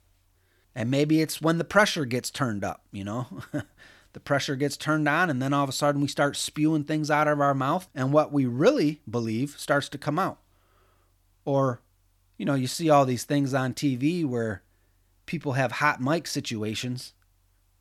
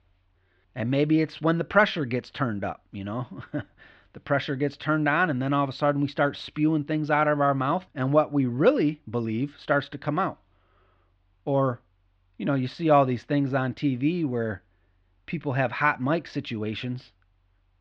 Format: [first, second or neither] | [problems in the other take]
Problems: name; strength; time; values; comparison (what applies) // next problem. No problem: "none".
first | muffled; slightly; fading above 3.5 kHz